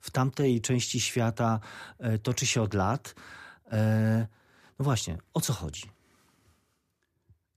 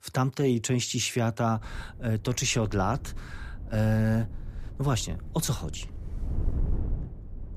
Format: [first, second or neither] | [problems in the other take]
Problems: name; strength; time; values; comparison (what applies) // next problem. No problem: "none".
first | wind noise on the microphone; occasional gusts; from 1.5 s on; 20 dB below the speech